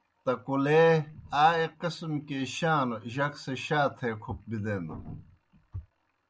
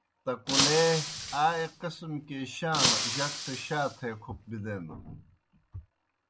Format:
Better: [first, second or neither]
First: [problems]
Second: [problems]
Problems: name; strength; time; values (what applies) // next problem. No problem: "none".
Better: first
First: none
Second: background sound (Shatter); as loud as the speech